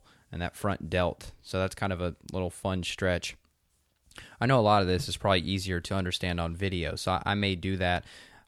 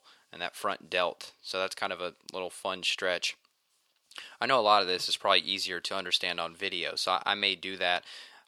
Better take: first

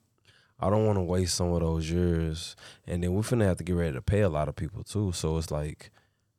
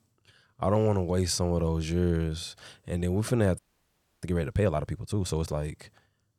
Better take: first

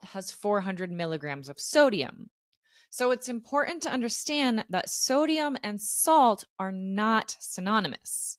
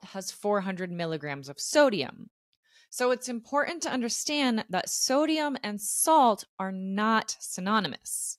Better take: second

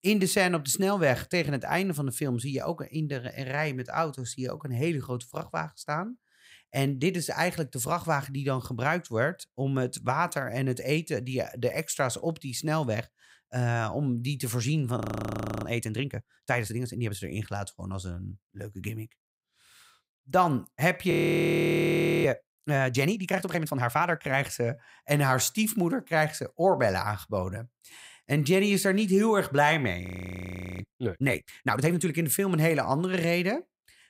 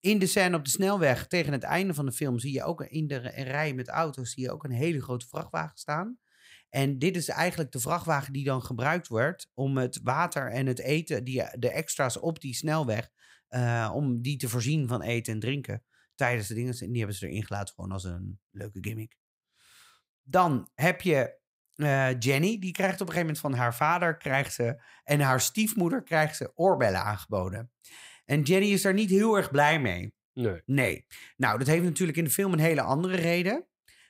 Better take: second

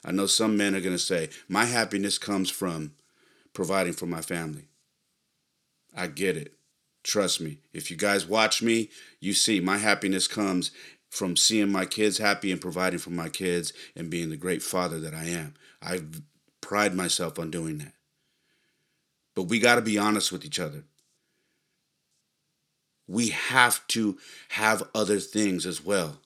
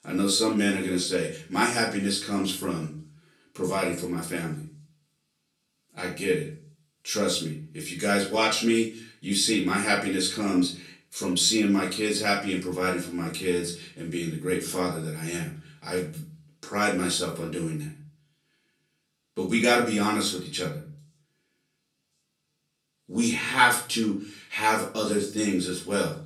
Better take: first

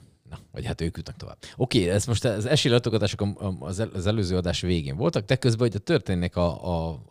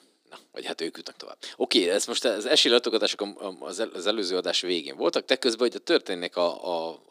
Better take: first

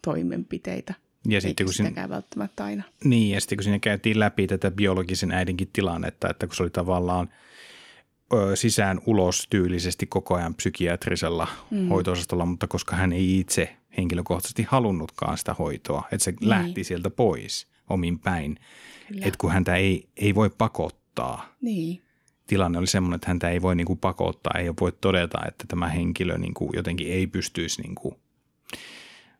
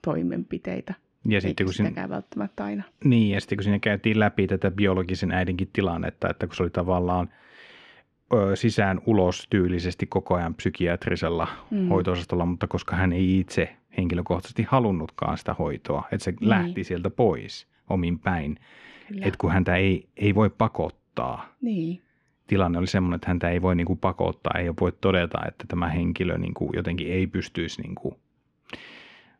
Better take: first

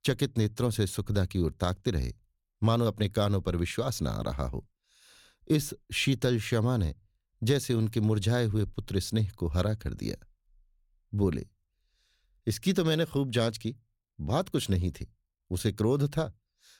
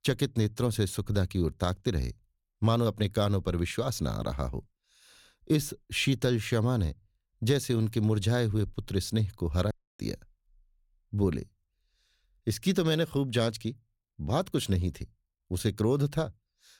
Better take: first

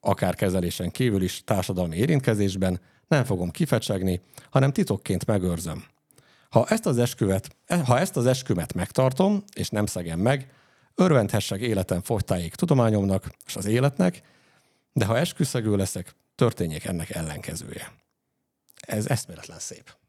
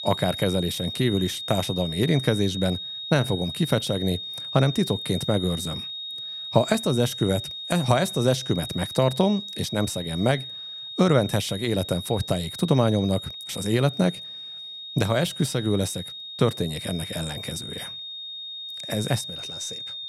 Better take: first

